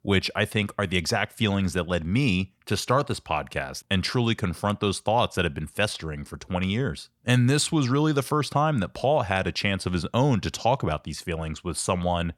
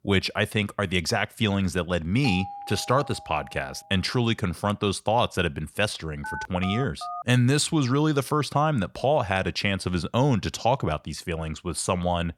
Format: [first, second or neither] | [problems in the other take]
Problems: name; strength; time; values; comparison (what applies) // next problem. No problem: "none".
first | doorbell; noticeable; from 2 to 4 s; peak 9 dB below the speech // phone ringing; noticeable; at 6 s; peak 9 dB below the speech